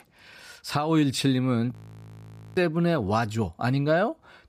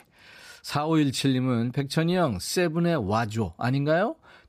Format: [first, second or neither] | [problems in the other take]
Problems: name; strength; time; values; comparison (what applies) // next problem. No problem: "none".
second | audio freezing; at 1.5 s for 1 s